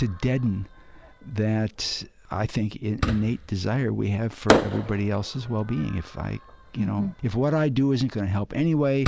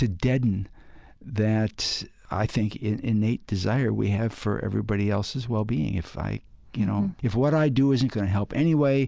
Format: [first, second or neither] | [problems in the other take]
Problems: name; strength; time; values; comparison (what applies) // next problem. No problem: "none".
second | background sound (Fireworks); 7 dB below the speech